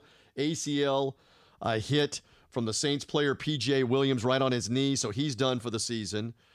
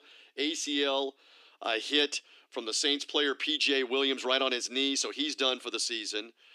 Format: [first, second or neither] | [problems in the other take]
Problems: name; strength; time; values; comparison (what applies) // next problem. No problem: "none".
first | thin; very slightly; fading below 300 Hz